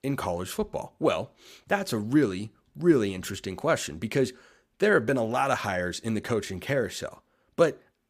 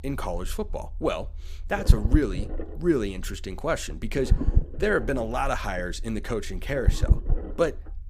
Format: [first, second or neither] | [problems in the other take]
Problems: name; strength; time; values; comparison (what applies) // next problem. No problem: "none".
first | low rumble; noticeable; throughout; 10 dB below the speech